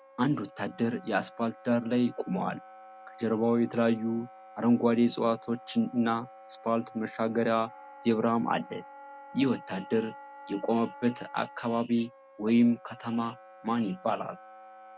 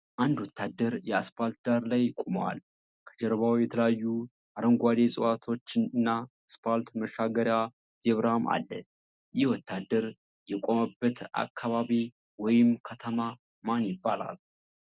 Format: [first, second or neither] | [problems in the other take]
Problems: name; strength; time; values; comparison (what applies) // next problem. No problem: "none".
second | background sound (Wind instrument, woodwind instrument); 20 dB below the speech